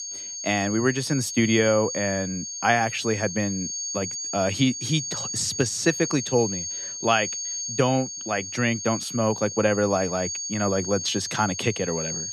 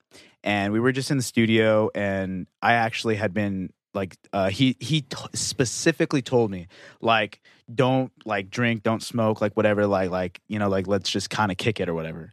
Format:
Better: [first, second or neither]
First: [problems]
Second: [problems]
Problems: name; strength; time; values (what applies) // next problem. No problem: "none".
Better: second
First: high-pitched whine; loud; throughout; 6.5 kHz, 5 dB below the speech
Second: none